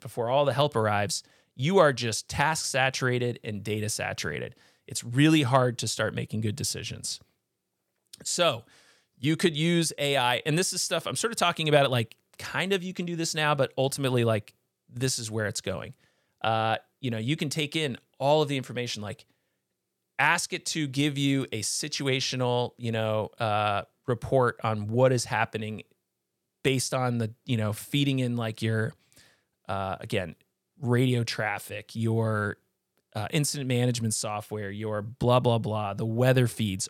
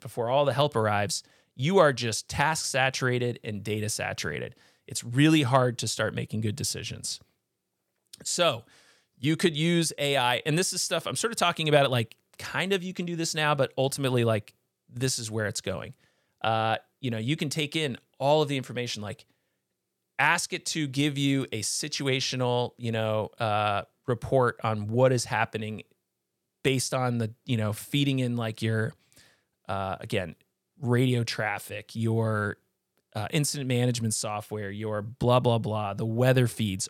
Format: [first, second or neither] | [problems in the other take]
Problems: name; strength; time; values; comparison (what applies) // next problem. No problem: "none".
neither | none